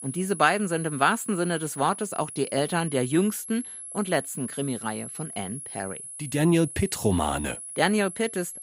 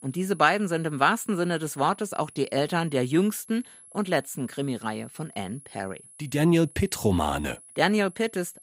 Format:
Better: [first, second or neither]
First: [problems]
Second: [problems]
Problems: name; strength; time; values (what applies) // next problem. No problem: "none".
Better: second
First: high-pitched whine; loud; throughout; 10.5 kHz, 10 dB below the speech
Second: high-pitched whine; faint; throughout; 10.5 kHz, 20 dB below the speech